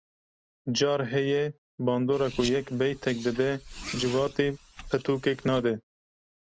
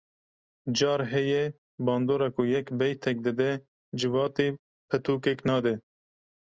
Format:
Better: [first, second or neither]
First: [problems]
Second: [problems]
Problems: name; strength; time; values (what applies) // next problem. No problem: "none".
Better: second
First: background sound (Car); 14 dB below the speech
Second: none